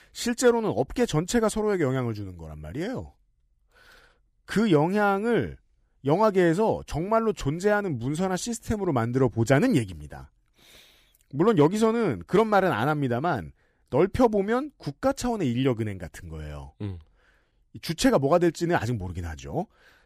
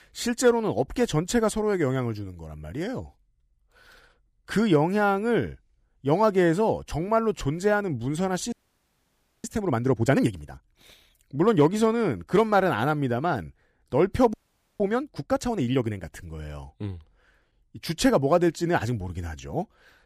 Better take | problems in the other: first | audio freezing; at 8.5 s for 1 s and at 14 s

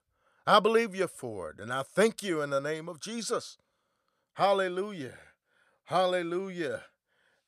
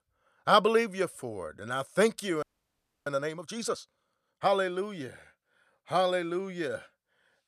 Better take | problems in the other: first | audio freezing; at 2.5 s for 0.5 s

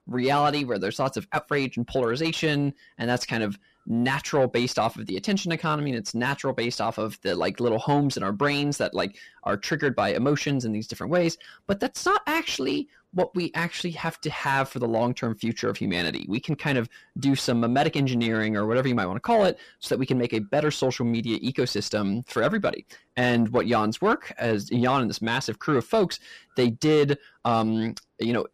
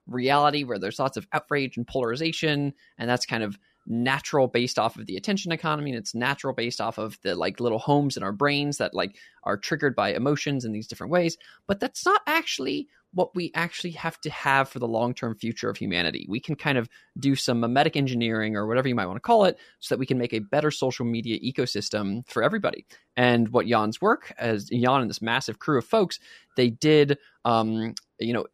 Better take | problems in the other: second | distortion; slight; 10 dB below the speech

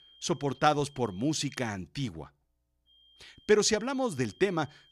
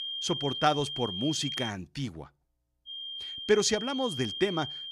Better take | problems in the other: first | high-pitched whine; loud; until 1.5 s and from 3 s on; 3 kHz, 5 dB below the speech; faint in the first

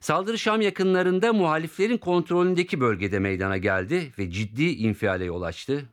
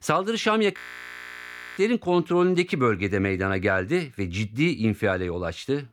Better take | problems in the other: first | audio freezing; at 1 s for 1 s

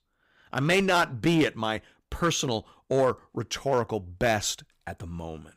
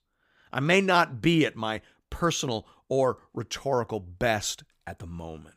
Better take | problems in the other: second | distortion; slight; 3% of the sound clipped

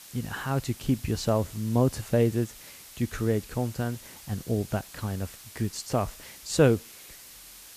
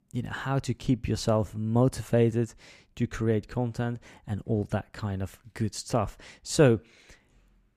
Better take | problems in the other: second | hiss; noticeable; throughout; 15 dB below the speech

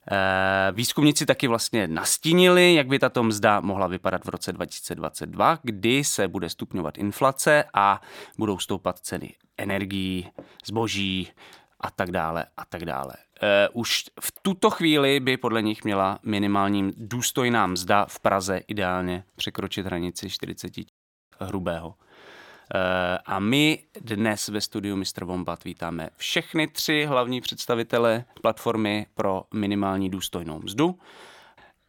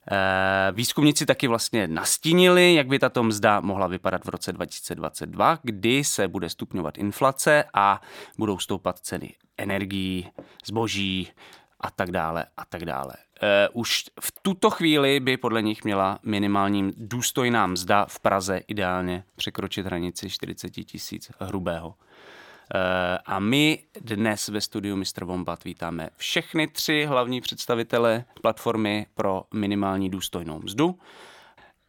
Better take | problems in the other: second | audio cutting out; at 21 s

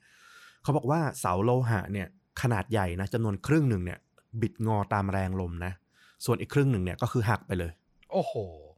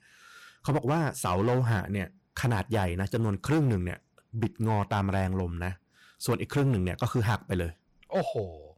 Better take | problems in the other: first | distortion; slight; 7% of the sound clipped

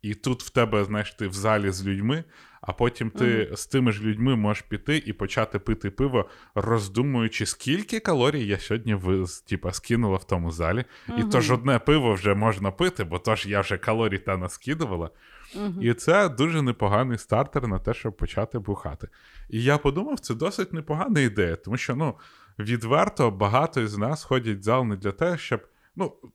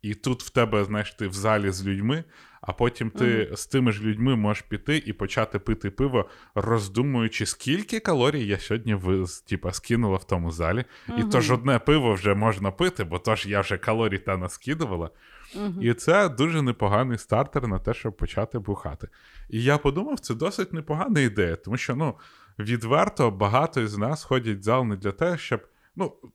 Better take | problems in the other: neither | none

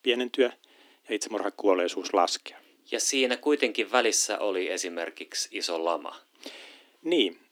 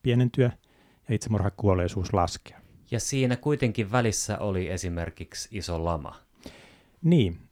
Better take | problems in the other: second | thin; somewhat; fading below 300 Hz

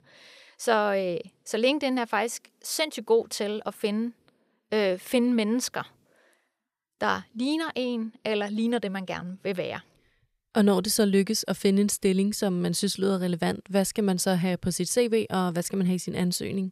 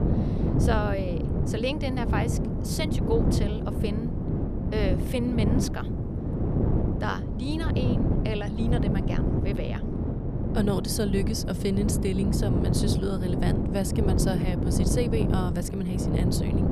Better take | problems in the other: first | wind noise on the microphone; heavy; 2 dB below the speech

